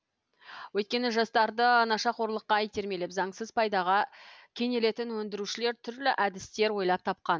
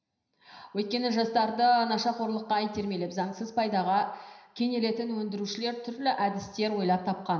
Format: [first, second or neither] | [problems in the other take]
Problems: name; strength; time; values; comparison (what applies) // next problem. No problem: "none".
first | room echo; dies away in 0.9 s